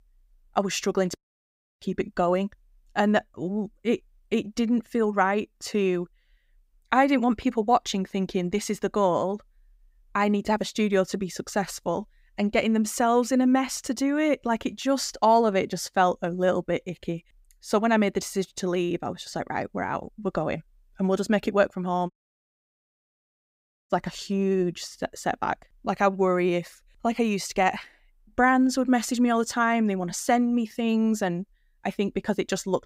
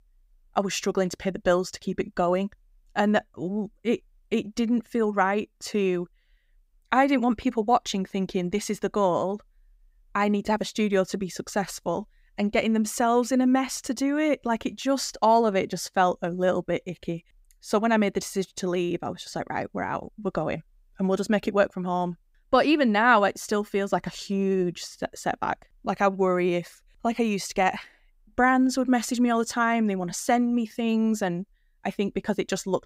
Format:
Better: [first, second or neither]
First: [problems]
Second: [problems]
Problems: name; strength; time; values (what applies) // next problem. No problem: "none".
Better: second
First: audio cutting out; at 1 s for 0.5 s and at 22 s for 2 s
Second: none